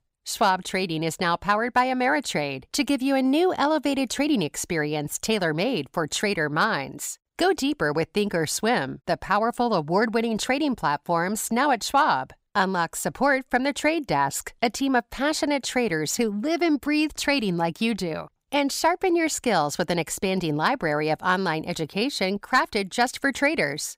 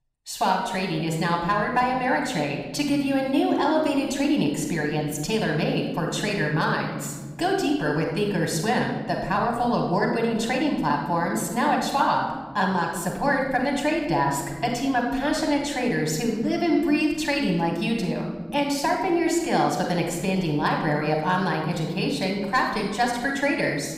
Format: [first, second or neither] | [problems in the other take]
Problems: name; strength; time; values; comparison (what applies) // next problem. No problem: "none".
first | off-mic speech; somewhat distant // room echo; noticeable; dies away in 2.3 s